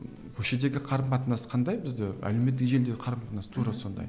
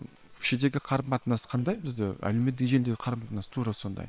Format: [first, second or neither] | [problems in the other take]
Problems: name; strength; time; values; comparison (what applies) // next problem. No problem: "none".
first | noise reduction (neural separator model SepFormer WHAM!)